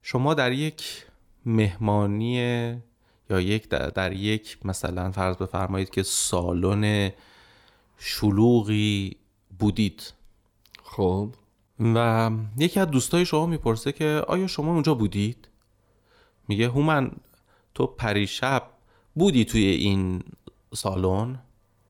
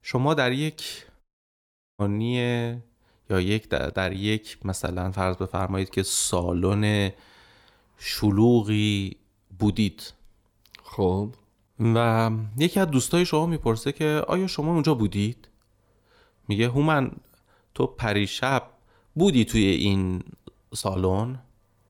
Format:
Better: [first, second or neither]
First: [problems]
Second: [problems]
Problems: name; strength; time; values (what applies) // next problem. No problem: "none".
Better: first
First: none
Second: audio cutting out; at 1 s for 1 s